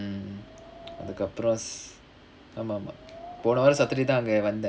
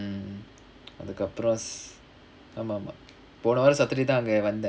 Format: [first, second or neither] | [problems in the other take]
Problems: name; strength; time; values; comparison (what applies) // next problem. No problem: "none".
second | background sound (Wind); 19 dB below the speech